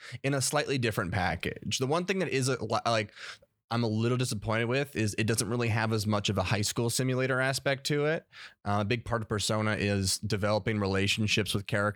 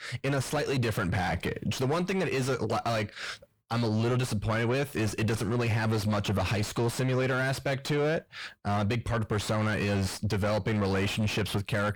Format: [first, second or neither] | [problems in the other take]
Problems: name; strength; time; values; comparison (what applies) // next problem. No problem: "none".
first | distortion; heavy; 6 dB below the speech